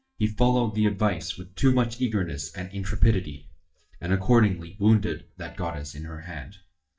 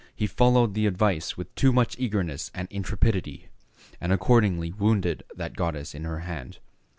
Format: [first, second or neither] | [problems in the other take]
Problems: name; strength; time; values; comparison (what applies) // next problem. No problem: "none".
second | noise reduction (neural mask model DeepFilterNet 3)